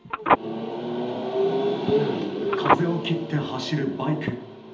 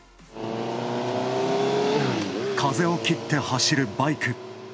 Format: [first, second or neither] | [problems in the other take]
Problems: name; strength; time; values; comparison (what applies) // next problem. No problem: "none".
second | background sound (Telephone); 3 dB below the speech // room echo; dies away in 1.2 s